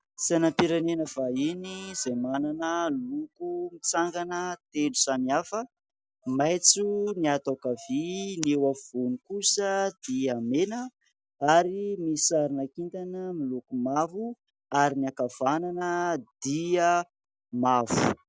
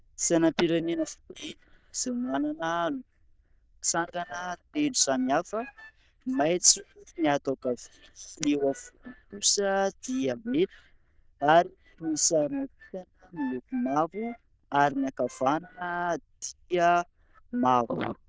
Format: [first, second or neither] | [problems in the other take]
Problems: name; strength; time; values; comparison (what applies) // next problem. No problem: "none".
first | noise reduction (neural diffusion model UNIVERSE++)